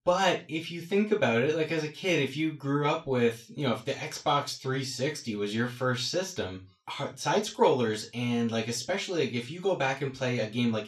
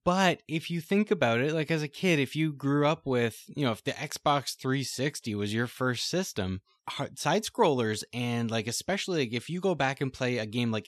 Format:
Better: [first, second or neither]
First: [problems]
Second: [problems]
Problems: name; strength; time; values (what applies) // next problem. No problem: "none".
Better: second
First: room echo; slight; dies away in 0.2 s // off-mic speech; far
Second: none